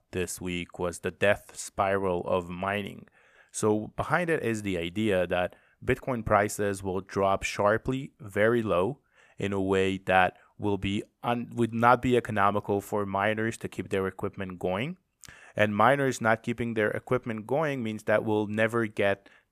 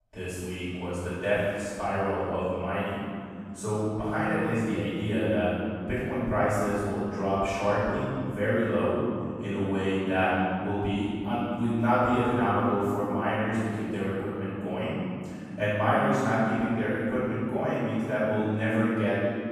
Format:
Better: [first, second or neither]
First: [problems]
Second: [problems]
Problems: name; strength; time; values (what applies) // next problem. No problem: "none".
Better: first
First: none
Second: off-mic speech; far // room echo; strong; dies away in 3 s